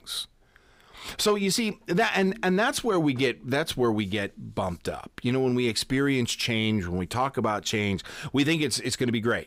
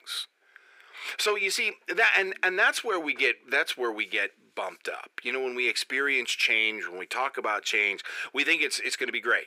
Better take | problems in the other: first | thin; very; fading below 400 Hz

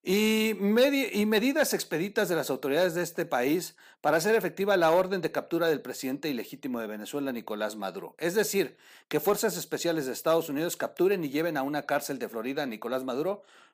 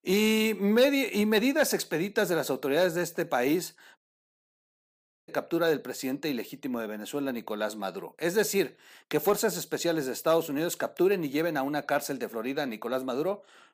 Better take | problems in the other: first | audio cutting out; at 4 s for 1.5 s

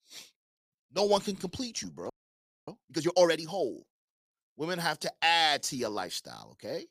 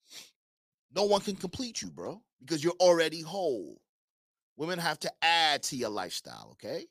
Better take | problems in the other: second | audio freezing; at 2 s for 0.5 s

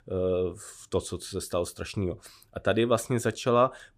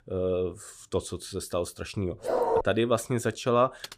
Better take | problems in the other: first | dog barking; loud; at 2 s; peak 3 dB above the speech // keyboard typing; very faint; at 3.5 s; peak 15 dB below the speech

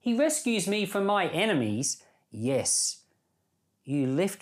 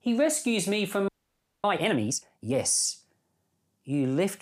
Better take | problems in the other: first | audio freezing; at 1 s for 0.5 s

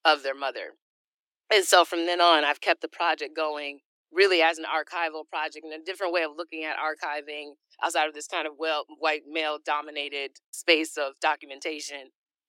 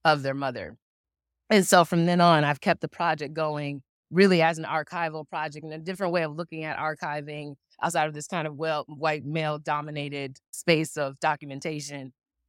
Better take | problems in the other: second | thin; very; fading below 300 Hz

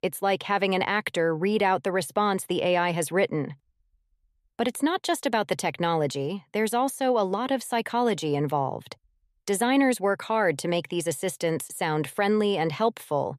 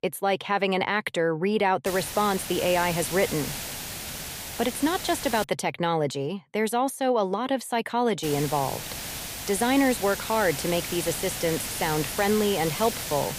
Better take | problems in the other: first | hiss; loud; from 2 to 5.5 s and from 8 s on; 7 dB below the speech

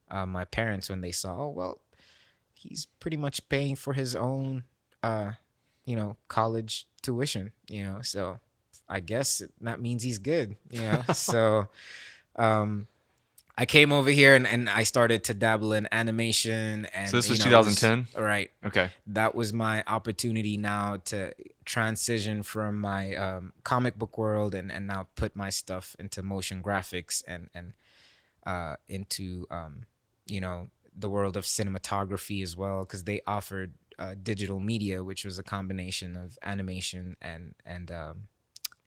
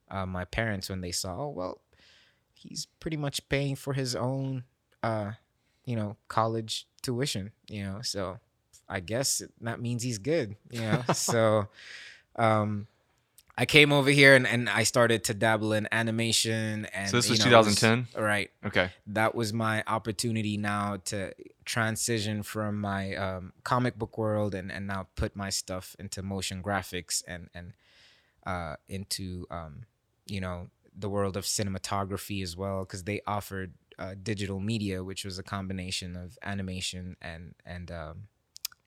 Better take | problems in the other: second | garbled, watery; slightly

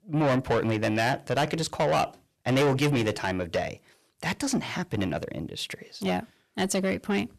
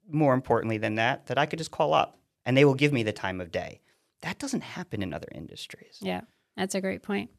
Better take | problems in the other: second | distortion; heavy; 6 dB below the speech

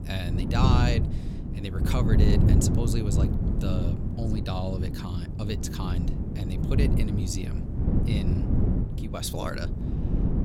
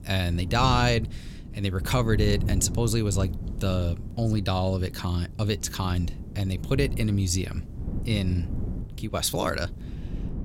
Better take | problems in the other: second | wind noise on the microphone; heavy; 2 dB below the speech; occasional gusts in the second

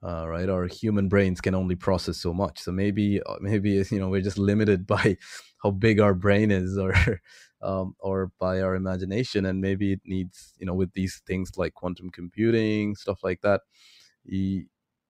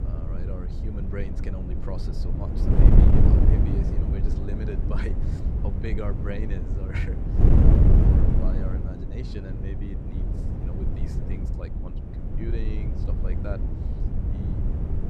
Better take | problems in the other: first | wind noise on the microphone; heavy; 4 dB above the speech

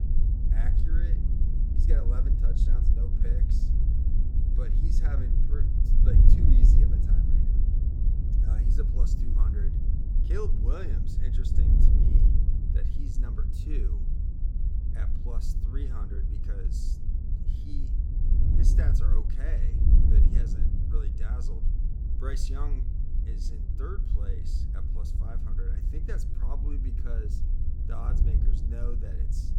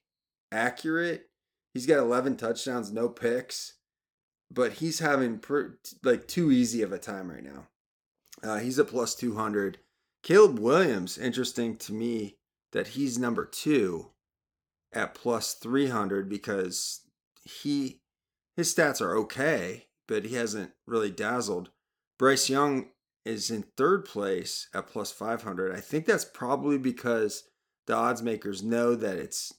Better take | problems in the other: second | wind noise on the microphone; heavy; 1 dB above the speech

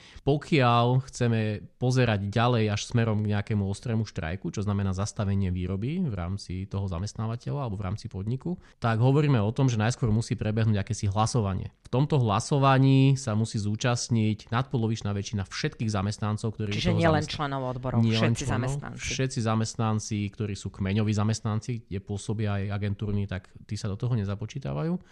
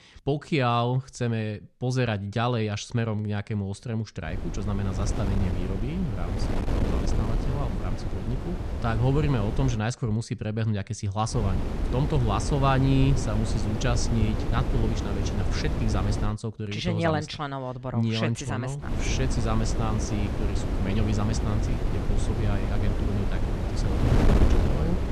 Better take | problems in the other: first | wind noise on the microphone; heavy; from 4.5 to 10 s, from 11 to 16 s and from 19 s on; 4 dB below the speech

